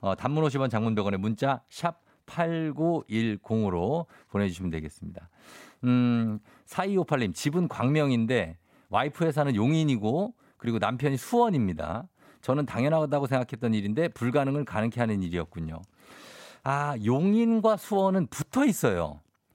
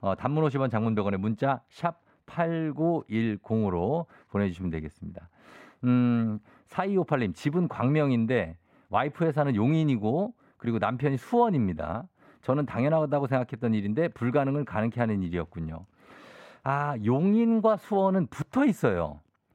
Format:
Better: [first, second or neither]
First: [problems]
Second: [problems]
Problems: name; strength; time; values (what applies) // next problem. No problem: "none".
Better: first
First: none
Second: muffled; slightly; fading above 3.5 kHz